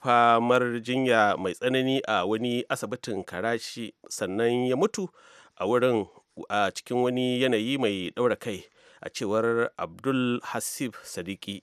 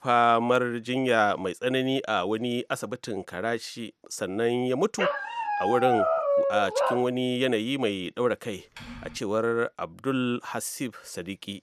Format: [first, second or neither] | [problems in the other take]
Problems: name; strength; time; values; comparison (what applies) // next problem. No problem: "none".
first | dog barking; loud; from 5 to 7 s; peak 4 dB above the speech // keyboard typing; faint; at 9 s; peak 15 dB below the speech